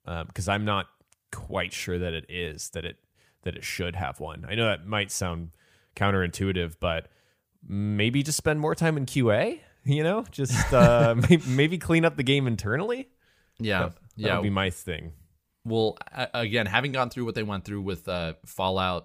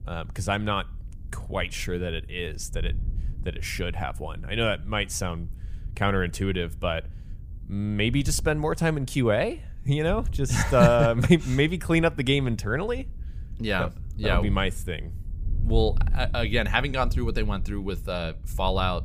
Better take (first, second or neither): first